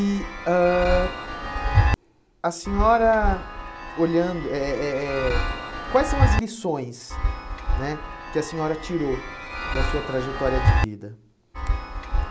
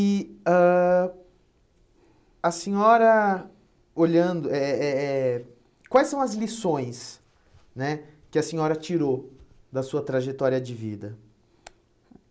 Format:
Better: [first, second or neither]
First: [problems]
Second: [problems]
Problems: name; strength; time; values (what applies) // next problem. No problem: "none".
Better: second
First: background sound (Chime); as loud as the speech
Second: none